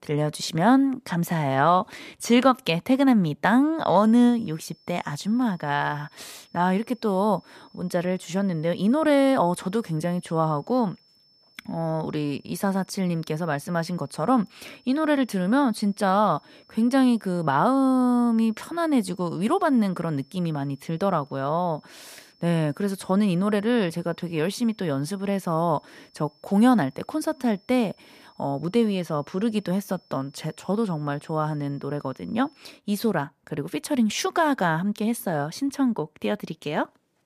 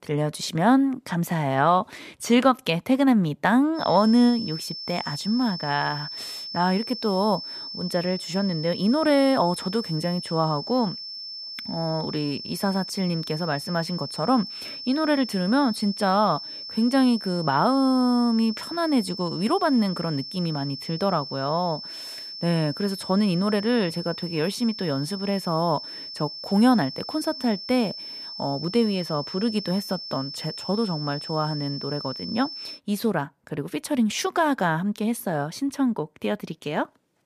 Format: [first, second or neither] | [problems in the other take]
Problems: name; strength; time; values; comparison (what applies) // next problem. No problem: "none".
first | high-pitched whine; loud; from 4 to 33 s; 5.5 kHz, 9 dB below the speech; faint in the first